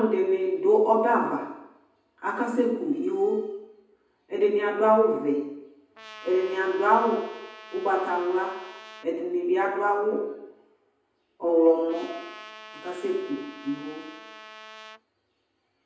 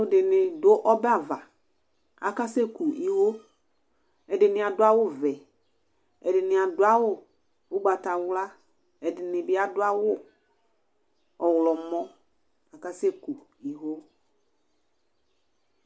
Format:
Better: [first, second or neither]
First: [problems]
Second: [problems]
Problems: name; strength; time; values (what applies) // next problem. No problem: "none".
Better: second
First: background sound (Trumpet); 18 dB below the speech // room echo; dies away in 0.9 s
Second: none